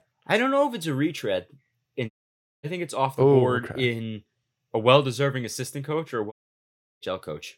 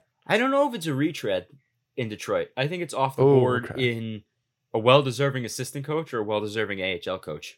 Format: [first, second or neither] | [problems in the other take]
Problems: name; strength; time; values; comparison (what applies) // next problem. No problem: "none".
second | audio cutting out; at 2 s for 0.5 s and at 6.5 s for 0.5 s